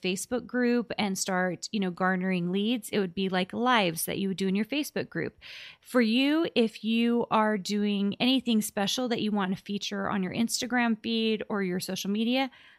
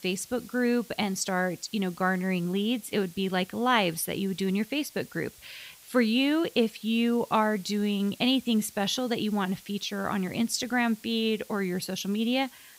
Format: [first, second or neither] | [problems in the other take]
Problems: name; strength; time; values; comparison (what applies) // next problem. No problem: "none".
first | hiss; faint; throughout; 20 dB below the speech